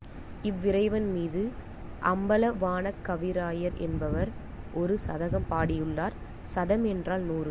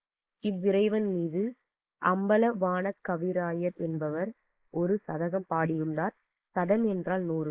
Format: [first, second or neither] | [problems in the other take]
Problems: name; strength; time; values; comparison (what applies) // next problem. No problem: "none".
first | noise reduction (neural mask model Resemble Enhance denoiser)